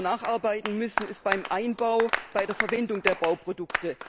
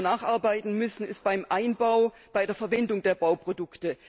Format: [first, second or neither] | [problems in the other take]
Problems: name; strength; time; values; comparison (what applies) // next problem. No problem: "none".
second | background sound (Applause); 6 dB below the speech